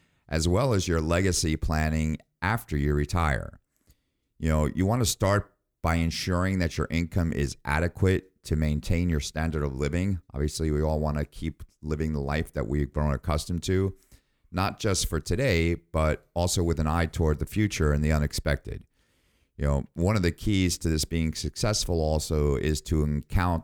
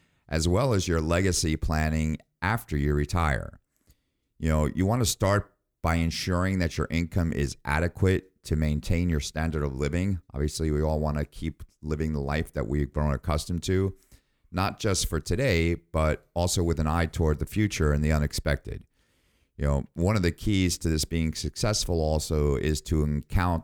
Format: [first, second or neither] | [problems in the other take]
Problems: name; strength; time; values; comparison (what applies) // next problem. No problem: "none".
neither | none